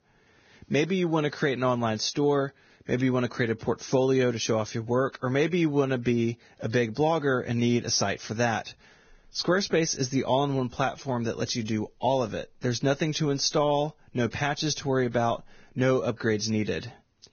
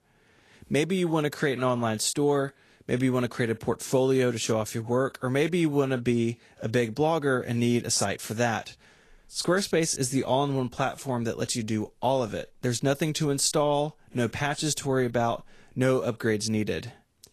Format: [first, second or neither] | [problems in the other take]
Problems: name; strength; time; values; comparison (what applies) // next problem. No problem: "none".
second | garbled, watery; badly; nothing above 6.5 kHz; slightly in the second